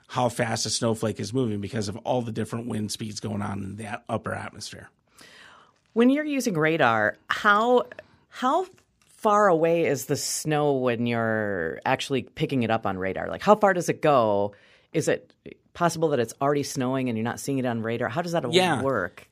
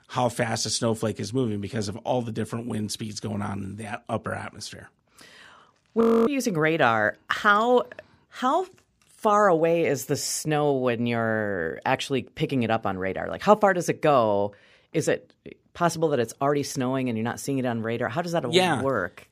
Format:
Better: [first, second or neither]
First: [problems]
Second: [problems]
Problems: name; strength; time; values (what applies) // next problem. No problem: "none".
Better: first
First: none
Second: audio freezing; at 6 s